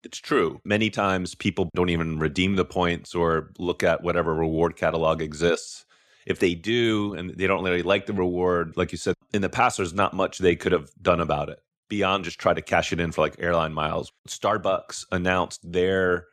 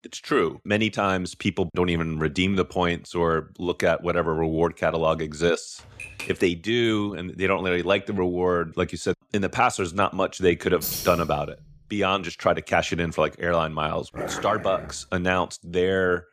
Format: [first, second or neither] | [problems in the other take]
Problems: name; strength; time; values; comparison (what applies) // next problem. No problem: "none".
first | keyboard typing; faint; at 6 s; peak 10 dB below the speech // jangling keys; noticeable; at 11 s; peak 4 dB below the speech // dog barking; noticeable; at 14 s; peak 7 dB below the speech